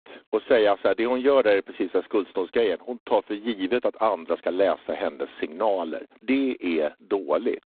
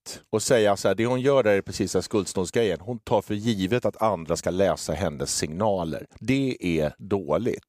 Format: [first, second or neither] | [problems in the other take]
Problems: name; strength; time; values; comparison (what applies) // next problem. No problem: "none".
second | phone-call audio; poor line; nothing above 3.5 kHz